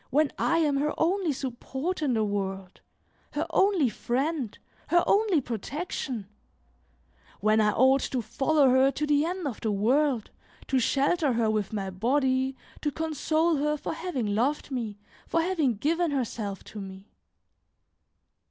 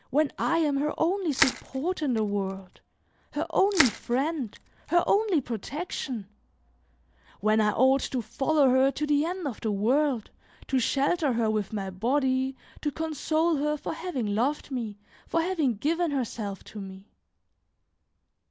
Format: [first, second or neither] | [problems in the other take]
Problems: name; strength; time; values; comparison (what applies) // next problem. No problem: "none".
first | background sound (Crushing); 6 dB below the speech